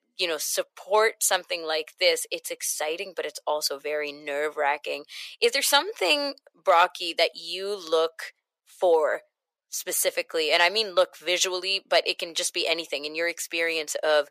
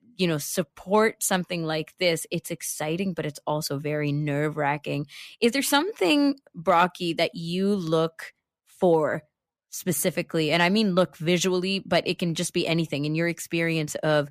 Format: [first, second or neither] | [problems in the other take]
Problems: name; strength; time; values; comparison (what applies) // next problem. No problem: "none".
second | thin; very; fading below 500 Hz